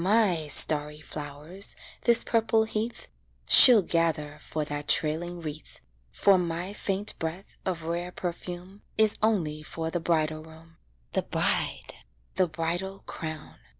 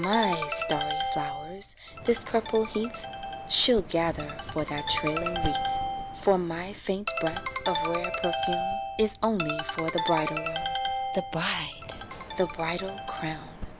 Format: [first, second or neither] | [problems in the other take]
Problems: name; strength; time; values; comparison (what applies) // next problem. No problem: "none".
first | background sound (Ringtone); 3 dB below the speech